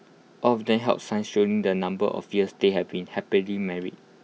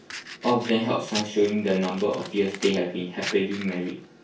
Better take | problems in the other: first | background sound (Fire); 13 dB below the speech // room echo; dies away in 0.3 s

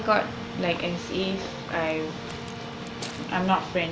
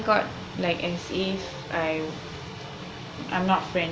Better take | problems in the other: second | background sound (Wind instrument, woodwind instrument + Waves, surf / Wind); 11 dB below the speech

